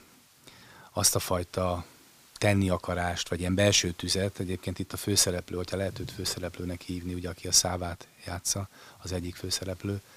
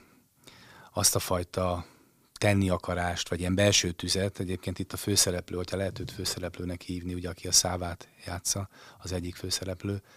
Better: second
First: hiss; faint; throughout; 30 dB below the speech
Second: none

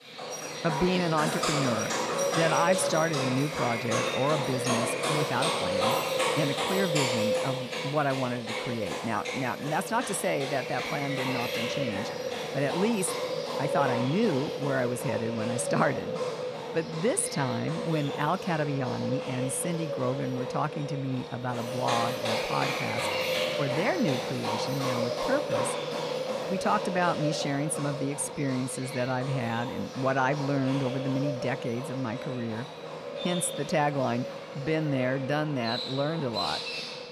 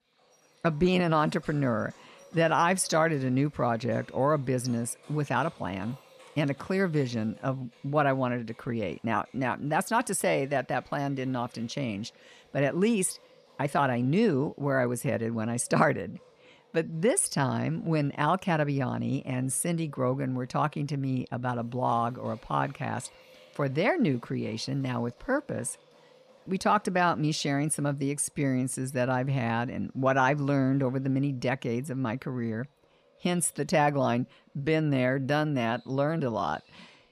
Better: second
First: animal sounds; loud; throughout; 1 dB below the speech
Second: animal sounds; faint; throughout; 30 dB below the speech

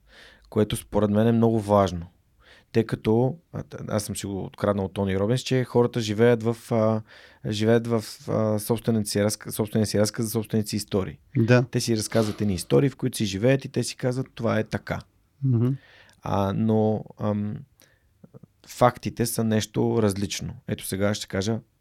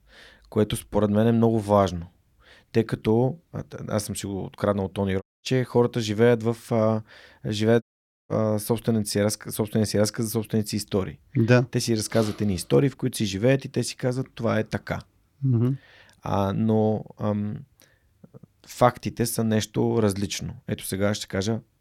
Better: first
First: none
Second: audio cutting out; at 5 s and at 8 s

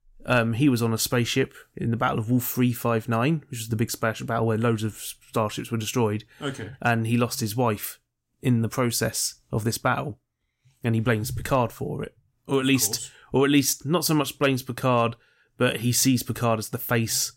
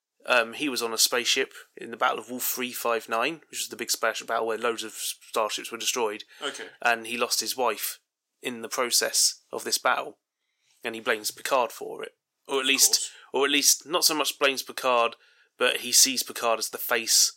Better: first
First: none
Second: thin; very; fading below 400 Hz

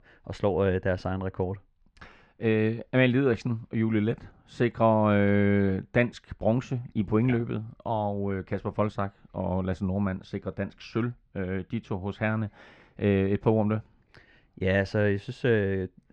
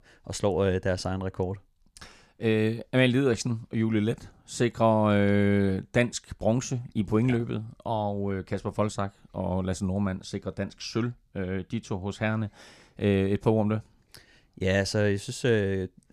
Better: second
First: muffled; slightly; fading above 2.5 kHz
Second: none

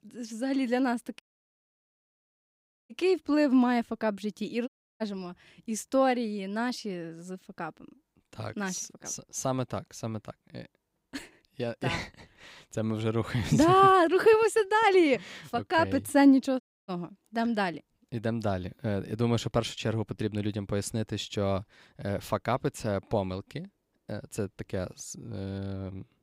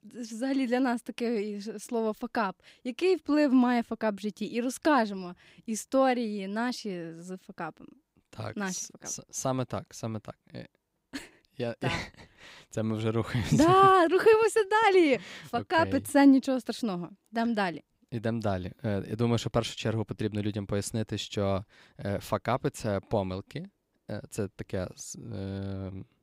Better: second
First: audio cutting out; at 1 s for 1.5 s, at 4.5 s and at 17 s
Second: none

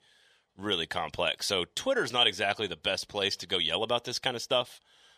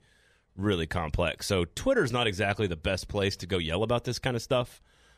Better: second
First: thin; somewhat; fading below 900 Hz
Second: none

